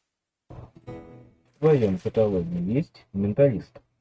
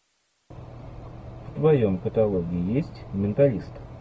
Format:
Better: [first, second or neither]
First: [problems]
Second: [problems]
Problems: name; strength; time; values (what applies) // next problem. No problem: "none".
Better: second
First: noise reduction (neural mask model RNNoise)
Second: none